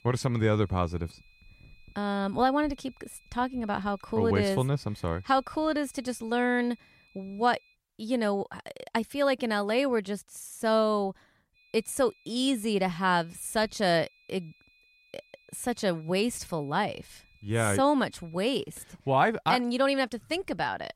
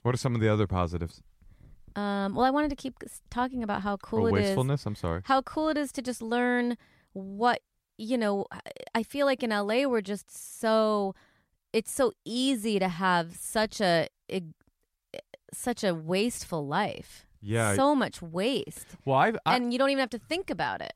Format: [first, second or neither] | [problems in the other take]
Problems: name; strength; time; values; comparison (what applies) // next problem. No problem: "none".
second | high-pitched whine; faint; until 7.5 s and from 12 to 19 s; 2.5 kHz, 30 dB below the speech